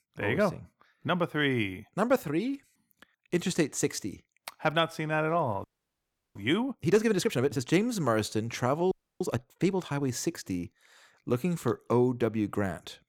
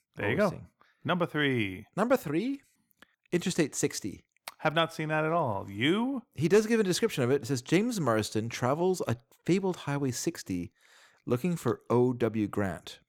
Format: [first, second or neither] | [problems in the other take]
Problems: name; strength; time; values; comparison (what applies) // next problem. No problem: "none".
second | audio freezing; at 5.5 s for 0.5 s and at 9 s